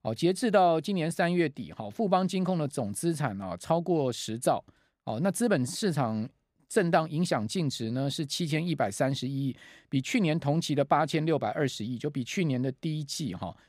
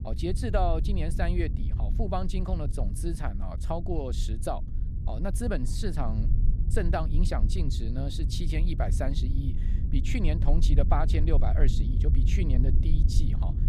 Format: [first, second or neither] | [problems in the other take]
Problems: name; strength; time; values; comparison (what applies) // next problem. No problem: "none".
first | low rumble; loud; throughout; 10 dB below the speech